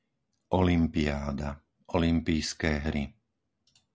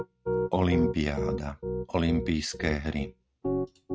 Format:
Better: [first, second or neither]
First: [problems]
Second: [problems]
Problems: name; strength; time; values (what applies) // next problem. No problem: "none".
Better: first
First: none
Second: noise reduction (neural mask model RNNoise)